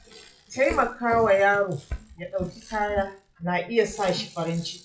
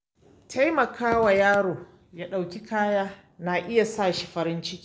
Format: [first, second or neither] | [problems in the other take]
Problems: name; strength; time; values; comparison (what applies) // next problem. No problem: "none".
second | noise reduction (classical method WPE with log-MMSE)